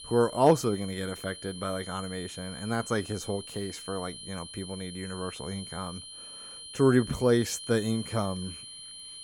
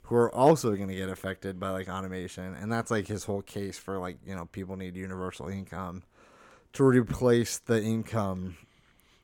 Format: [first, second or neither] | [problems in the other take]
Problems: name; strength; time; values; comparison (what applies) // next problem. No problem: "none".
second | high-pitched whine; noticeable; throughout; 3 kHz, 10 dB below the speech